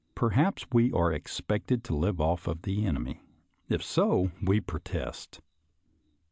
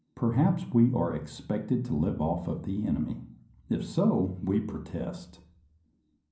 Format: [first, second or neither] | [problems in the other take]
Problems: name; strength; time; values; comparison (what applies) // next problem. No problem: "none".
first | room echo; dies away in 0.6 s